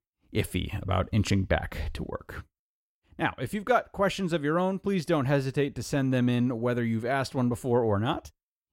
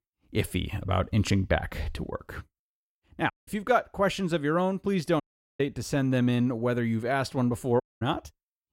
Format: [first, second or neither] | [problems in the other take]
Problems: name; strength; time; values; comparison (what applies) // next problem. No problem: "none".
first | audio cutting out; at 3.5 s, at 5 s and at 8 s